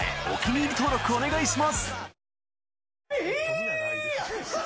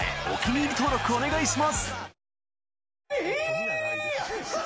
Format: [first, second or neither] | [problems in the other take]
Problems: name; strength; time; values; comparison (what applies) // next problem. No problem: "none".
first | background sound (Alarm); 14 dB below the speech